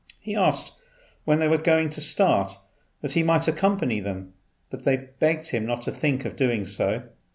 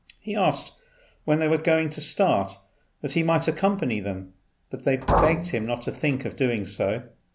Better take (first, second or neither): first